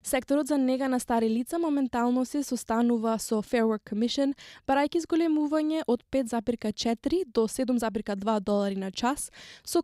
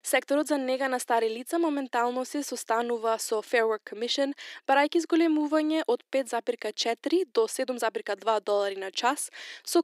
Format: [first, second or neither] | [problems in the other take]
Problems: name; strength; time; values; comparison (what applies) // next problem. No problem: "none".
first | thin; somewhat; fading below 300 Hz